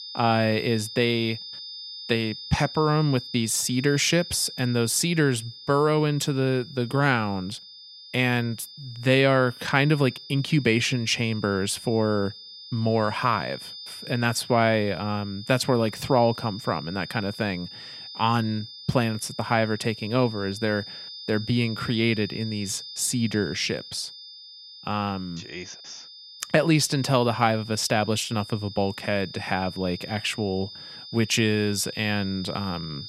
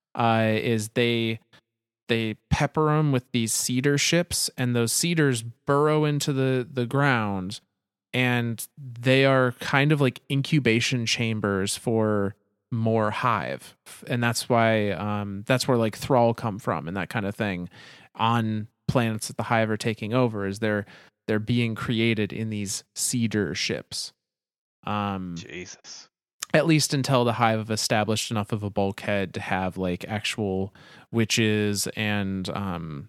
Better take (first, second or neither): second